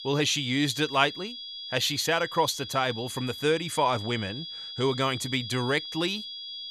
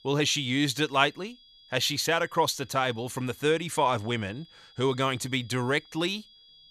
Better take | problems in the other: second | high-pitched whine; loud; throughout; 3.5 kHz, 9 dB below the speech; faint in the second

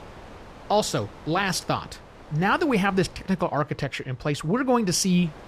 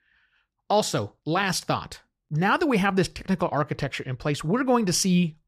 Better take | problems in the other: second | wind noise on the microphone; occasional gusts; 20 dB below the speech

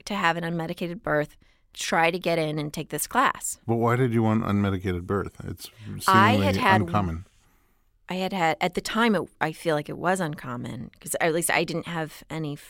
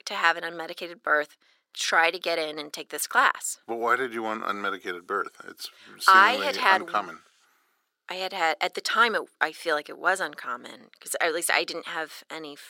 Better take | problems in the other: first | thin; very; fading below 350 Hz

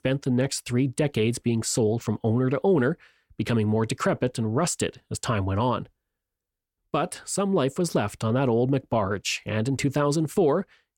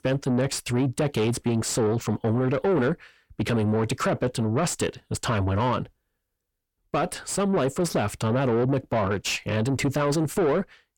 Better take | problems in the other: first | distortion; slight; 10 dB below the speech

